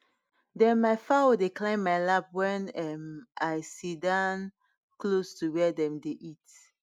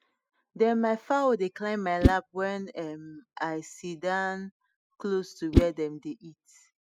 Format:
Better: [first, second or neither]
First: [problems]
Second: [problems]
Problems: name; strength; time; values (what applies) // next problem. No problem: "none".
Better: first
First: none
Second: noise reduction (classical method spectral subtraction)